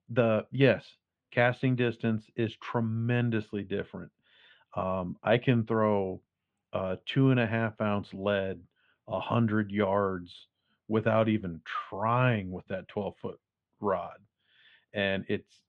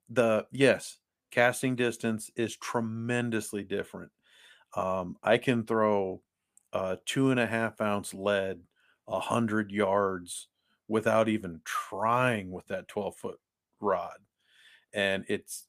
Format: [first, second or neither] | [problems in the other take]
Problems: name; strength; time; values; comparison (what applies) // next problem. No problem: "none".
second | muffled; slightly; fading above 3.5 kHz